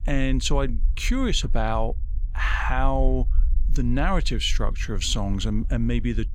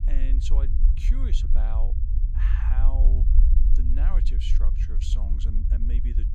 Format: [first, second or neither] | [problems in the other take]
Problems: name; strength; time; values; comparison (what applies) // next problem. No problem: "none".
first | low rumble; loud; throughout; 3 dB below the speech; faint in the first